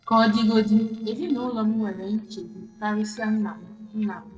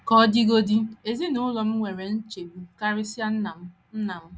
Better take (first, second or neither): second